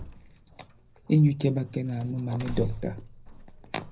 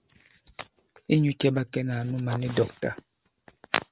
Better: second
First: background sound (Doorbell); 12 dB below the speech // room echo; dies away in 0.4 s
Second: none

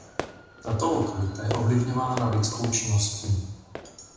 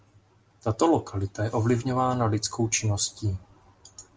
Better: second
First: background sound (Fireworks); 12 dB below the speech // room echo; dies away in 1 s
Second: none

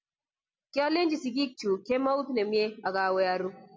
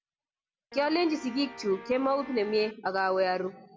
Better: first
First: none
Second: background sound (Guitar); 16 dB below the speech

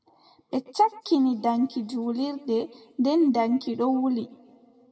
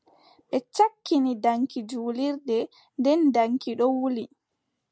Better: second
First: room echo; dies away in 1.4 s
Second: none

